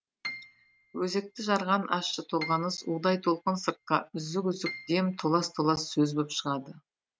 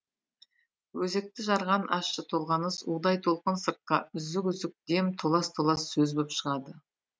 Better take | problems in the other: second | background sound (Piano); 16 dB below the speech

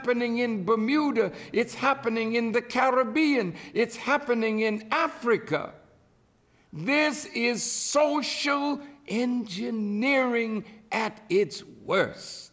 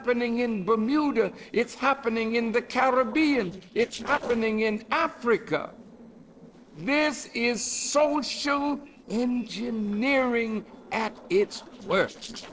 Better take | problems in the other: first | noise reduction (neural separator model SepFormer DNS4)

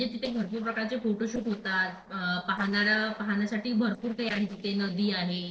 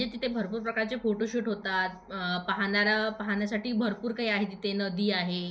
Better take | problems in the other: second | noise reduction (neural separator model SepFormer DNS4)

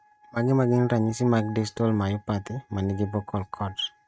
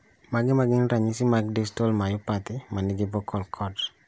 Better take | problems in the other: second | noise reduction (neural mask model RNNoise)

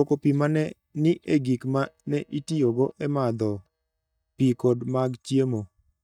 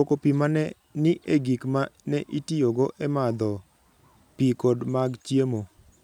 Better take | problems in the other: second | noise reduction (neural mask model DeepFilterNet 3)

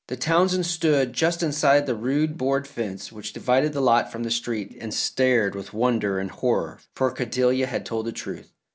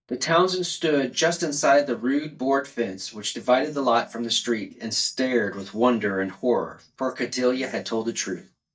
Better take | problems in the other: first | noise reduction (neural mask model DeepFilterNet 3)

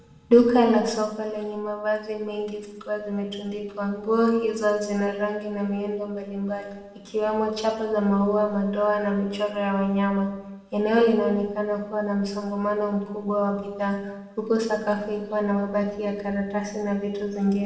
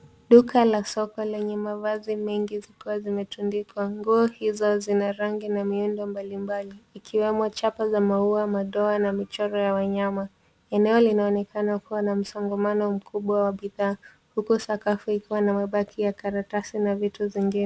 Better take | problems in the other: second | room echo; dies away in 0.8 s

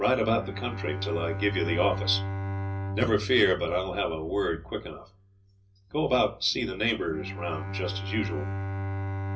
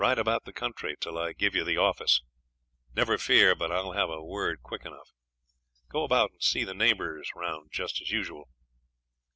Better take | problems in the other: second | background sound (Bowed string instrument); 6 dB below the speech // room echo; dies away in 0.4 s

